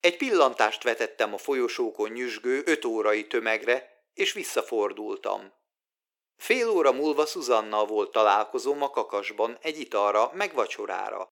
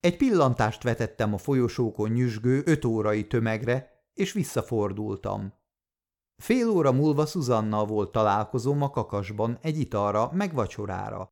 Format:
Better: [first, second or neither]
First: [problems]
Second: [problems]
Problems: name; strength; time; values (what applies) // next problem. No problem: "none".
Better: second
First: thin; very; fading below 350 Hz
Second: none